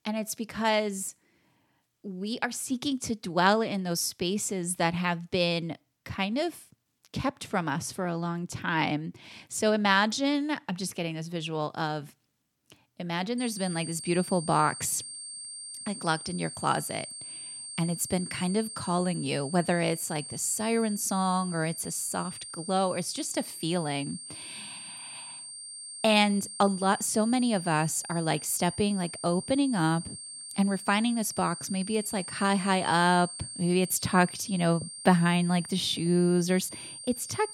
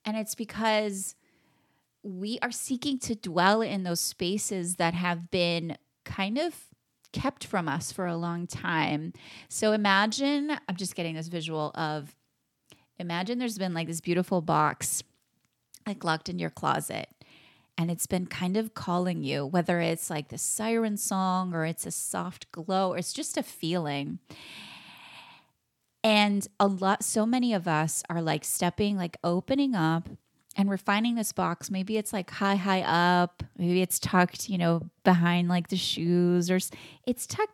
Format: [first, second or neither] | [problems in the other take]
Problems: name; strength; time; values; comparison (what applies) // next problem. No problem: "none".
second | high-pitched whine; noticeable; from 13 s on; 8.5 kHz, 10 dB below the speech